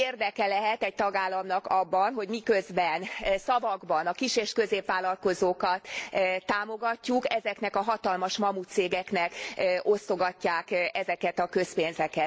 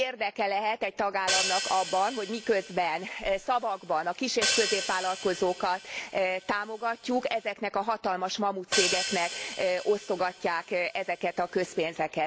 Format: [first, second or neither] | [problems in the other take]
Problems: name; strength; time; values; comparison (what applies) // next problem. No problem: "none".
first | background sound (Hi-hat); 6 dB below the speech